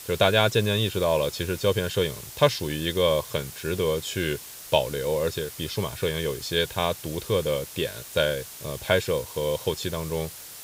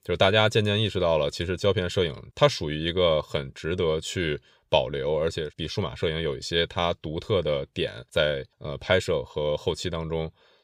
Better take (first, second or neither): second